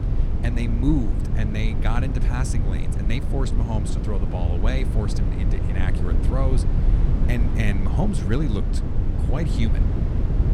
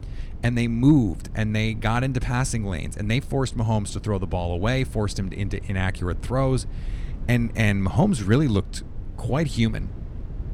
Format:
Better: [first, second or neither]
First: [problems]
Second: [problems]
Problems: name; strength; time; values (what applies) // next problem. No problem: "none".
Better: second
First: low rumble; loud; throughout; 4 dB below the speech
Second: low rumble; faint; throughout; 20 dB below the speech